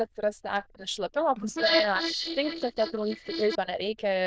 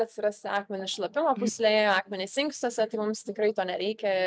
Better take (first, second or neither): second